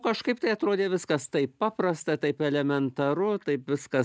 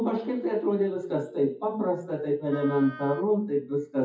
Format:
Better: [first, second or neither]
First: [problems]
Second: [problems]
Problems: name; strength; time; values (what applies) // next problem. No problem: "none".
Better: first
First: none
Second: noise reduction (classical method WPE with log-MMSE)